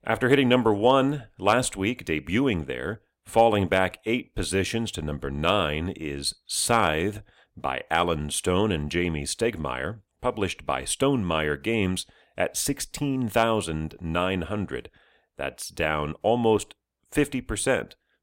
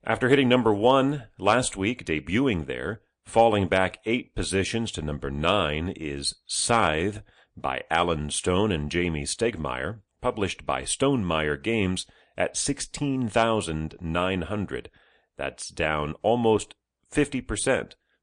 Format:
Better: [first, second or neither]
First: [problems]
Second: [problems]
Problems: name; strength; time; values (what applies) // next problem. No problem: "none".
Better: first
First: none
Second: garbled, watery; slightly; nothing above 9.5 kHz